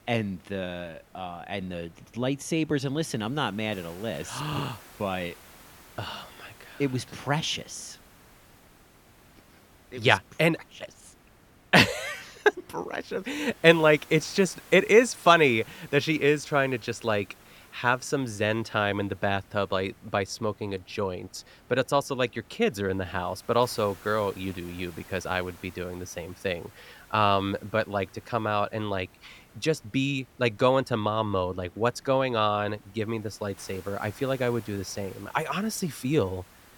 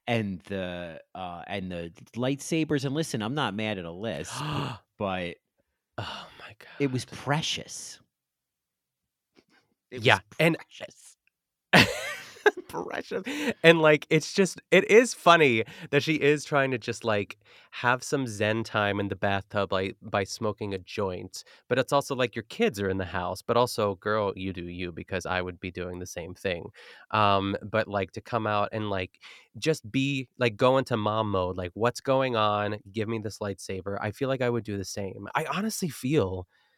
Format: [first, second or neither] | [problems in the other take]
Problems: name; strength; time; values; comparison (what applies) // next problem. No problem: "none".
second | hiss; faint; throughout; 25 dB below the speech